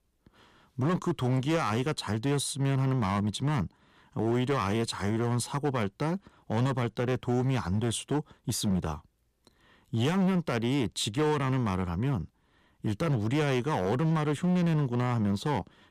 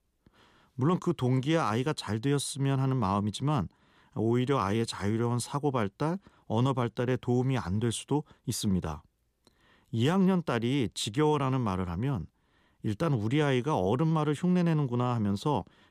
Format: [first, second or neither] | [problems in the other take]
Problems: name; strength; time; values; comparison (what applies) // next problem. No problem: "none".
second | distortion; slight; 10% of the sound clipped